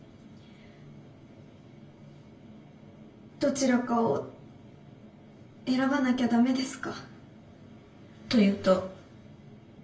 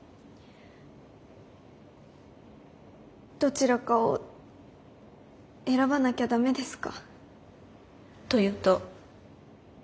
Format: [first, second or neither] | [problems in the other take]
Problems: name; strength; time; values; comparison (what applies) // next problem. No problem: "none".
second | room echo; dies away in 0.3 s